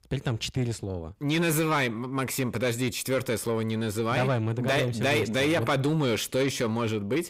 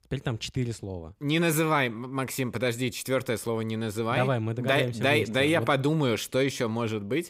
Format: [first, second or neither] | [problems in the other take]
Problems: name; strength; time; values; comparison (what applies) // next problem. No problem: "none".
second | distortion; slight; 10 dB below the speech